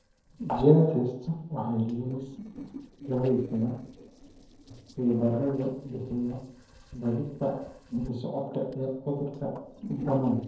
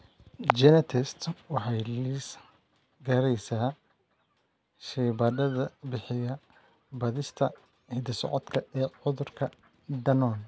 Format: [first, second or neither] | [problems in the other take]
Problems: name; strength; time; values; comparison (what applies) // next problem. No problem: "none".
second | noise reduction (neural separator model SepFormer DNS4)